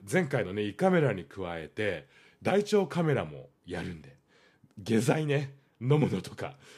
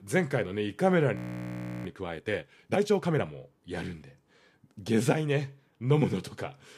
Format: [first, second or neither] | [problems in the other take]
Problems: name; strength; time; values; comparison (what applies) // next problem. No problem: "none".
first | audio freezing; at 1 s for 0.5 s